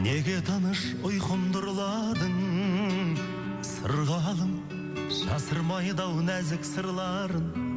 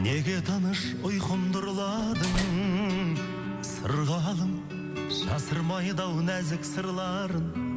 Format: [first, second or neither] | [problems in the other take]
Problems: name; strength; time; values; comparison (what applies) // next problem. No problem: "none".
first | background sound (Slam); 7 dB below the speech